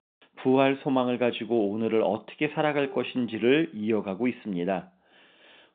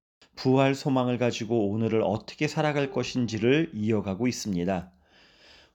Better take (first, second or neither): second